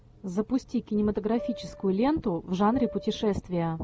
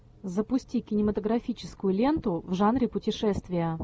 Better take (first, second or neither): second